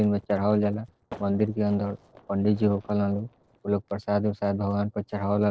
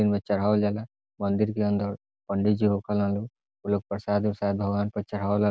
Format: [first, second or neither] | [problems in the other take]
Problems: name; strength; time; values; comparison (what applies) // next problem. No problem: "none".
second | noise reduction (neural separator model SepFormer DNS4)